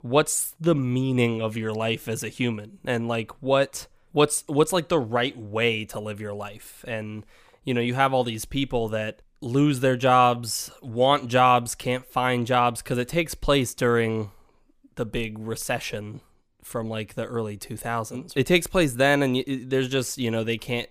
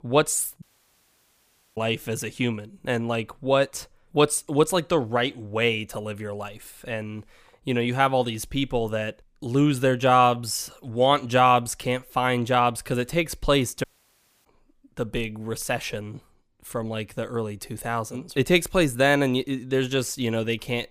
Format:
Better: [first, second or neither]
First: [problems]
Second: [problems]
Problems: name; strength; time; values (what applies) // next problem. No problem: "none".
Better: first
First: none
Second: audio cutting out; at 0.5 s for 1 s and at 14 s for 0.5 s